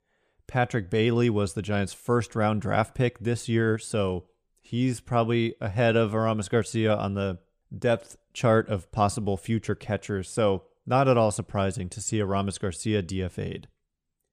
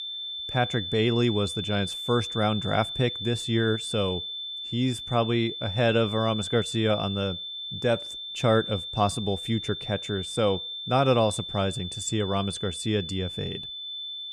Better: first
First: none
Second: high-pitched whine; loud; throughout; 3.5 kHz, 6 dB below the speech

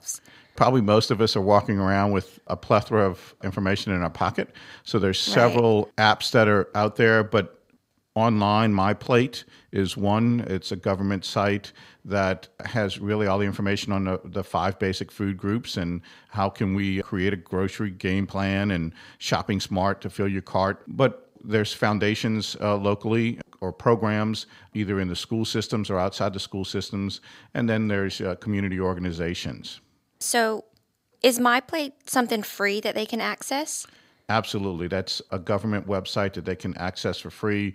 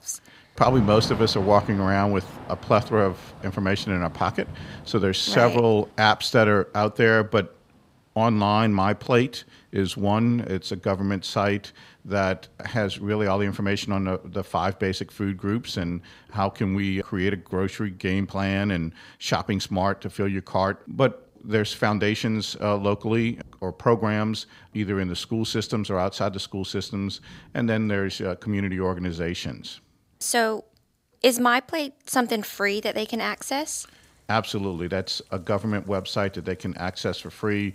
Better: first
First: none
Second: rain or running water; noticeable; throughout; 15 dB below the speech

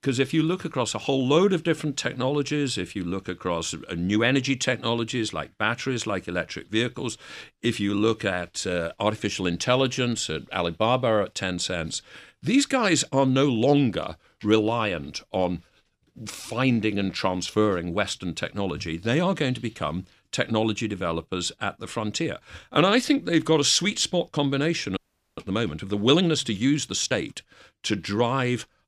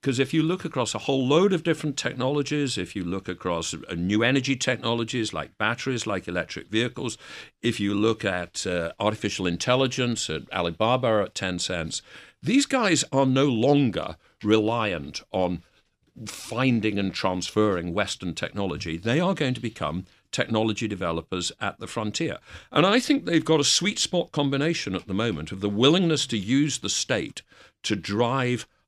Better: second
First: audio freezing; at 25 s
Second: none

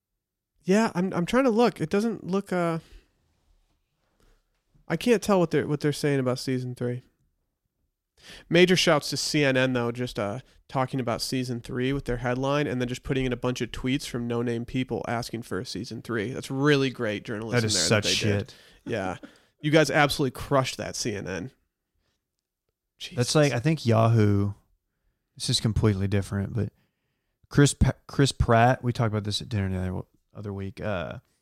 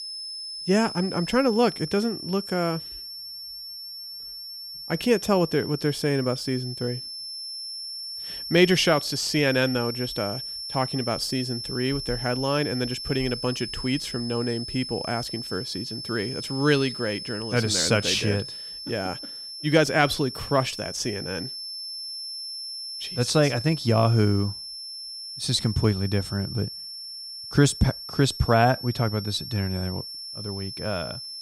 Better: first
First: none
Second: high-pitched whine; loud; throughout; 5.5 kHz, 8 dB below the speech

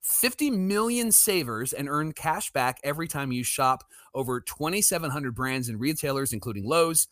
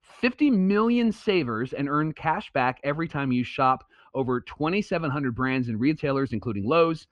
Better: first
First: none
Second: muffled; slightly; fading above 3 kHz

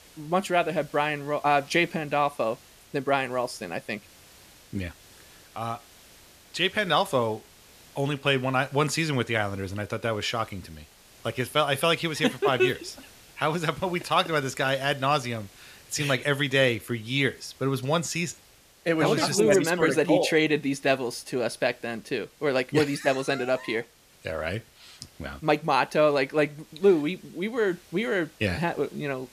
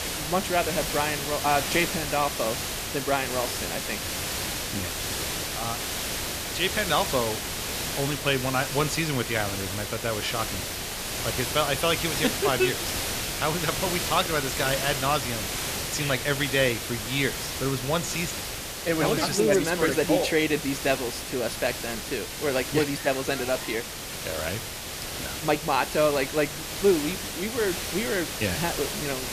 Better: first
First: hiss; faint; throughout; 25 dB below the speech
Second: hiss; loud; throughout; 3 dB below the speech

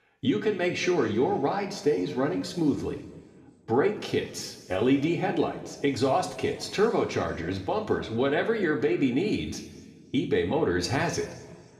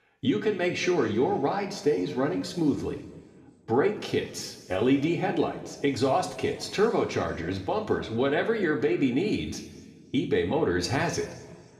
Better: neither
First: room echo; slight; dies away in 1.8 s // off-mic speech; somewhat distant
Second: room echo; slight; dies away in 1.8 s // off-mic speech; somewhat distant

